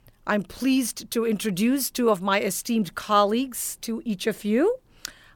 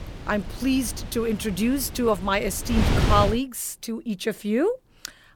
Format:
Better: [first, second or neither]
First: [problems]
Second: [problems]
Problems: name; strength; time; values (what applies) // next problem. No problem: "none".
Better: first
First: none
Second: wind noise on the microphone; heavy; until 3.5 s; 8 dB below the speech